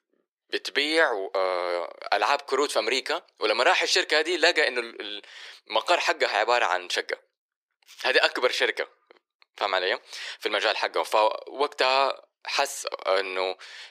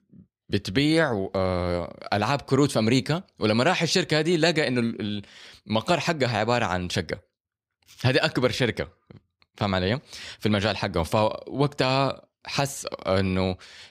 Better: second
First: thin; very; fading below 350 Hz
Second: none

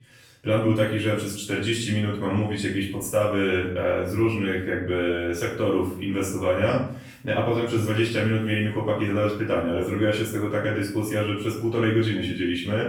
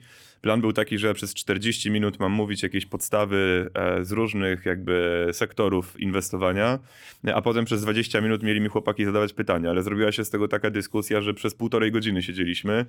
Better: second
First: room echo; noticeable; dies away in 0.5 s // off-mic speech; far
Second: none

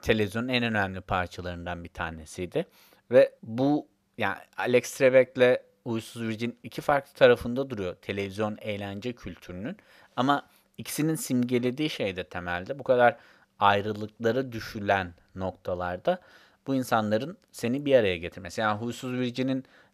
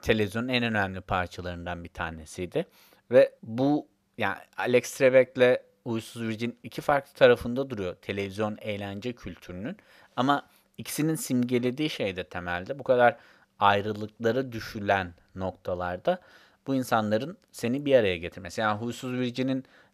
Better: neither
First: none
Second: none

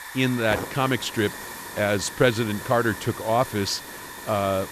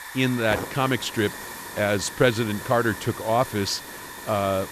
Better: neither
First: hiss; noticeable; throughout; 10 dB below the speech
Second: hiss; noticeable; throughout; 10 dB below the speech

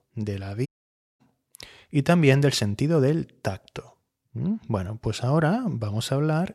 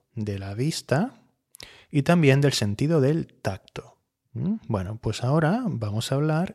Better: second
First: audio cutting out; at 0.5 s for 0.5 s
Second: none

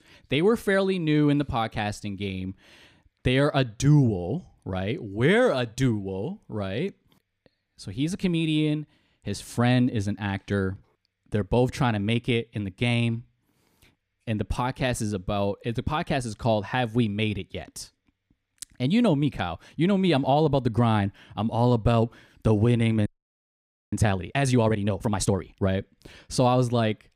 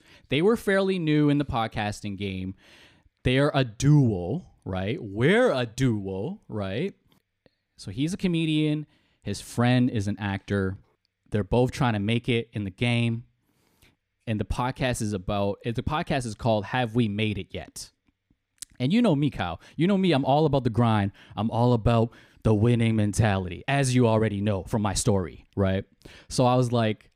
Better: second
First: audio freezing; at 23 s for 1 s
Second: none

